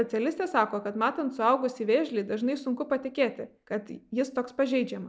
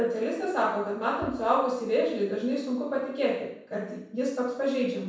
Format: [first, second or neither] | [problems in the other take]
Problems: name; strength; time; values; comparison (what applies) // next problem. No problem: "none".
first | background sound (Bowed string instrument); 18 dB below the speech // room echo; dies away in 0.7 s